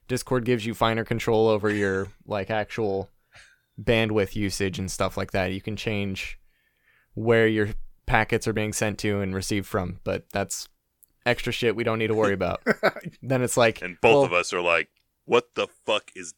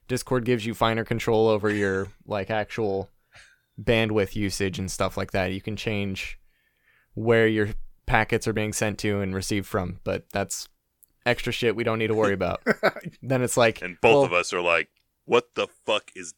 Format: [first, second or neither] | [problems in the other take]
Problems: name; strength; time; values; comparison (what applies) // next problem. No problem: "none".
neither | none